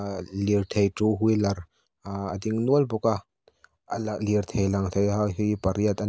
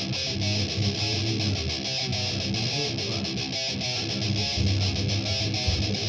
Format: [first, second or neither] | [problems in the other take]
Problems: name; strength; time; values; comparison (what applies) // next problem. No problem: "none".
first | background sound (Guitar); 1 dB above the speech // room echo; dies away in 0.6 s